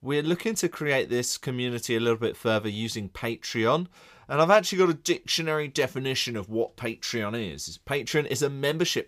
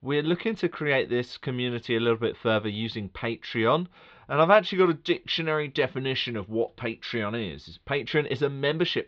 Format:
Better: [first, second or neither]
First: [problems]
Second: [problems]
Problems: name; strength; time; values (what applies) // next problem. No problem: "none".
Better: first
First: none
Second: muffled; slightly; fading above 4 kHz